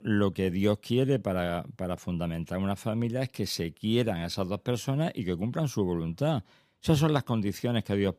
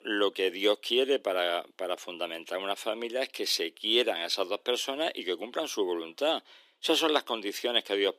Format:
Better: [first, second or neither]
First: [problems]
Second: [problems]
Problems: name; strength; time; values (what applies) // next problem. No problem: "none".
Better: first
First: none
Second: thin; very; fading below 350 Hz